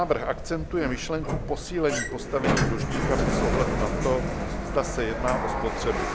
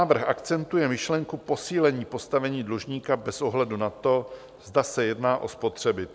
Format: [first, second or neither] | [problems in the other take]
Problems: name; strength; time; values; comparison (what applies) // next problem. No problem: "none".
second | background sound (Sliding door); 1 dB above the speech